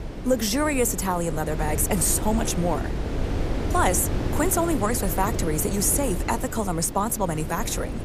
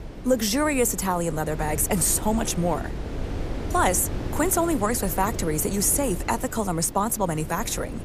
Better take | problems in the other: second | wind noise on the microphone; heavy; 9 dB below the speech; occasional gusts in the second

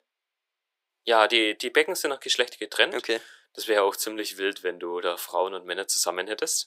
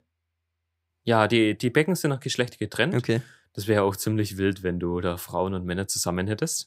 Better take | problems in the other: second | thin; very; fading below 400 Hz

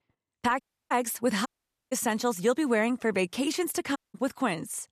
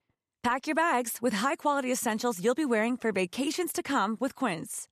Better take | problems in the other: second | audio cutting out; at 0.5 s, at 1.5 s and at 4 s

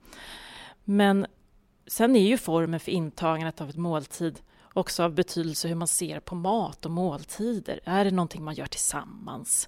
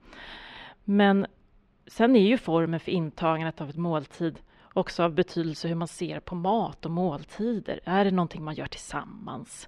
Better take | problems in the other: first | muffled; slightly; fading above 3 kHz

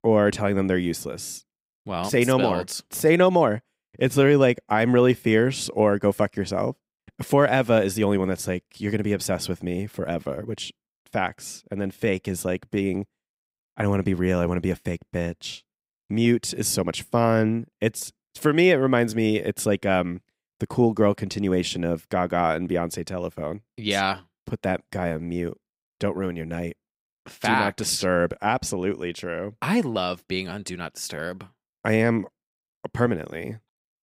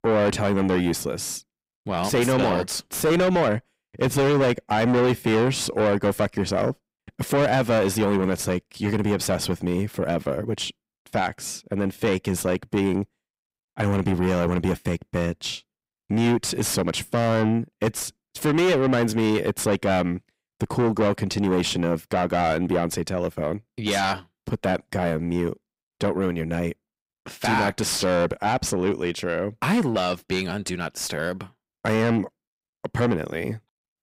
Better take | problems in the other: first | distortion; heavy; 7 dB below the speech

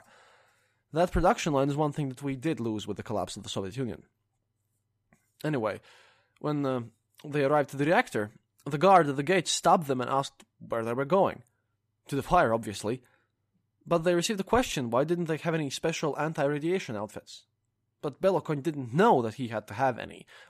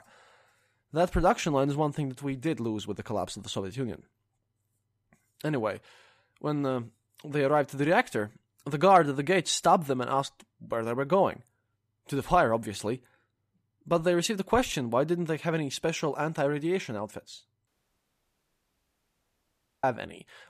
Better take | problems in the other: first | audio cutting out; at 18 s for 2 s

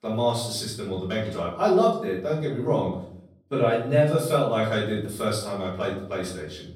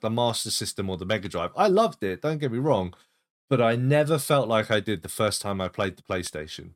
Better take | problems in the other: second | off-mic speech; far // room echo; noticeable; dies away in 0.6 s

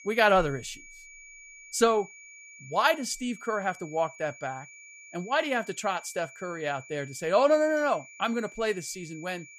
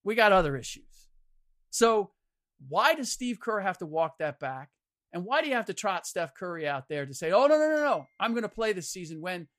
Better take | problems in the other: second | high-pitched whine; noticeable; throughout; 2.5 kHz, 20 dB below the speech

